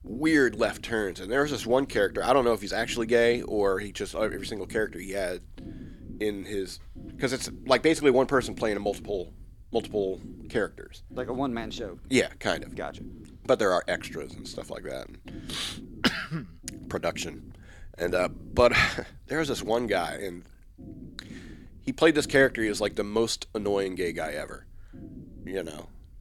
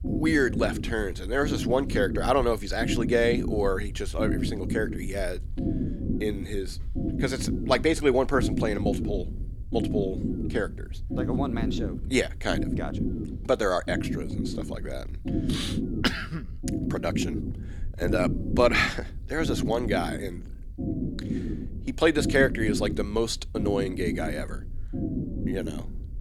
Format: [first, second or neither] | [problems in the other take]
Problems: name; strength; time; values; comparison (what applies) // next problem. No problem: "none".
first | low rumble; loud; throughout; 9 dB below the speech; faint in the first